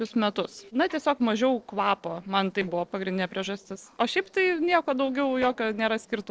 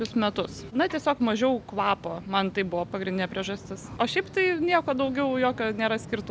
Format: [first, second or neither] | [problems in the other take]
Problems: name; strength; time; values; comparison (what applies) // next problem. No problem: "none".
second | noise reduction (neural separator model SepFormer DNS4)